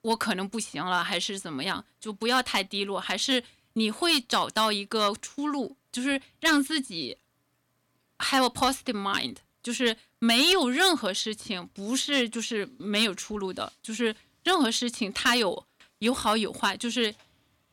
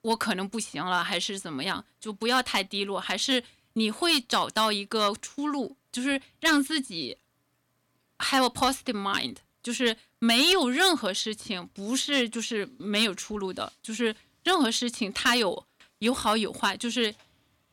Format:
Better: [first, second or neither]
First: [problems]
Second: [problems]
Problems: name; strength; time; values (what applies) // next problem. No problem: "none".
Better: neither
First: distortion; slight; 1.4% of the sound clipped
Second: distortion; slight; 1.4% of the sound clipped